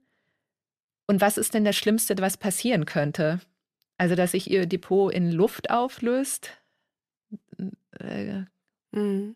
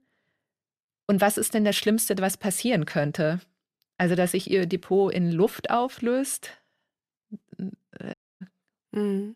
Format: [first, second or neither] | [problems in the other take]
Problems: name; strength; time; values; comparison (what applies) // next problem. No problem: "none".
first | audio cutting out; at 8 s